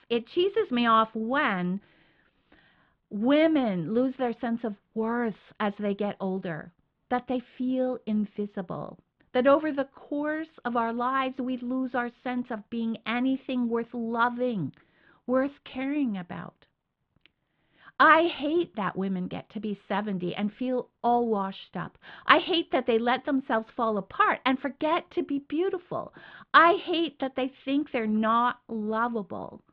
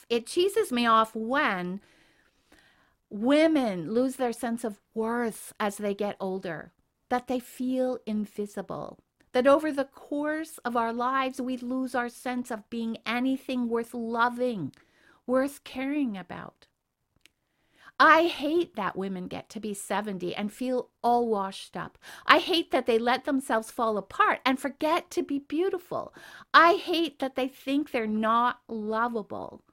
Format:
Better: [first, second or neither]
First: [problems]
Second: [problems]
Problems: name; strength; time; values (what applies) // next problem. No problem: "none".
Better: second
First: muffled; slightly; fading above 3.5 kHz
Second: none